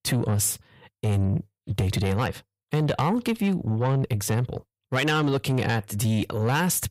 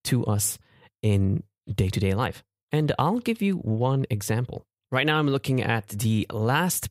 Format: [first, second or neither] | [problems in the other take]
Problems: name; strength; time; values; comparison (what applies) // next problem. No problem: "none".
second | distortion; slight; 10 dB below the speech